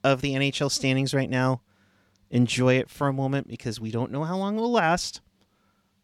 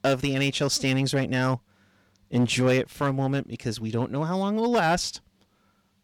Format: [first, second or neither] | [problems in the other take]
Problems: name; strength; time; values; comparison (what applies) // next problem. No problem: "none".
first | distortion; slight; 5% of the sound clipped